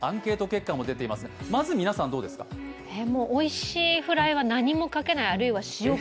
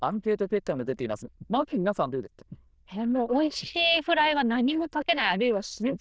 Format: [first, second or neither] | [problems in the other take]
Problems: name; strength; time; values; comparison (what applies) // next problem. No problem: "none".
first | noise reduction (neural diffusion model UNIVERSE++)